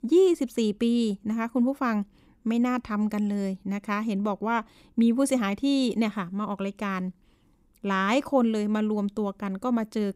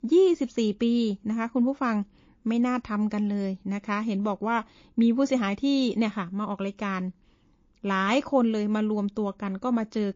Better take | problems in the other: first | garbled, watery; slightly

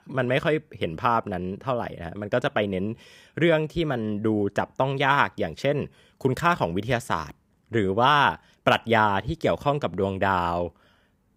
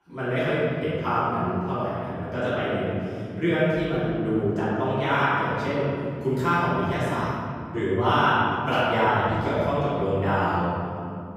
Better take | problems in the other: first | off-mic speech; far // room echo; strong; dies away in 2.8 s

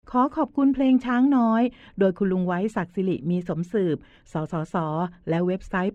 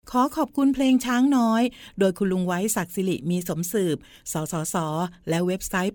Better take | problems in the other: second | muffled; very; fading above 2 kHz

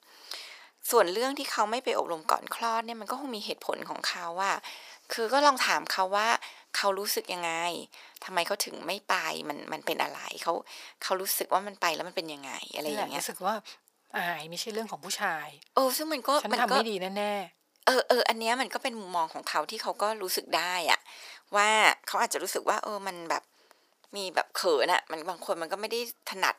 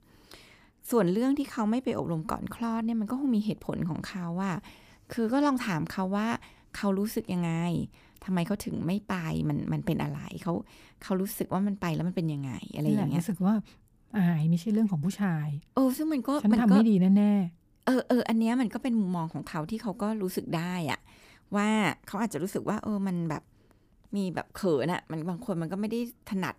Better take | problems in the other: second | thin; very; fading below 550 Hz

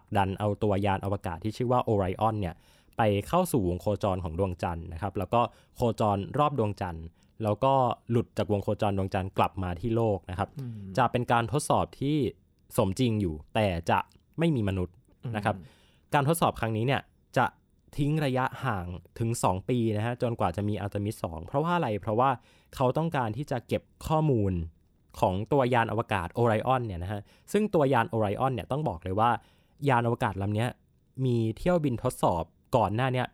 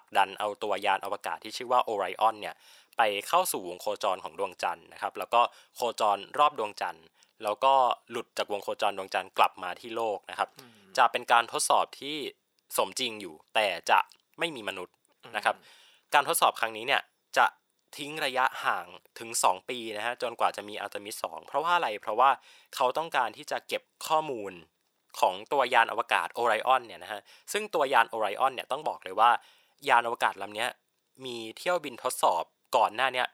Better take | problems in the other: first | thin; very; fading below 800 Hz

